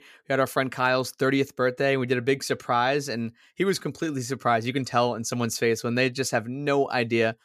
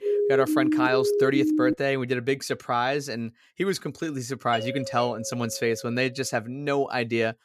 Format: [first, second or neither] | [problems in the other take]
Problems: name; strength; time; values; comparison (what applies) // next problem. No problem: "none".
first | siren; loud; until 1.5 s; peak 3 dB above the speech // doorbell; noticeable; from 4.5 to 6 s; peak 7 dB below the speech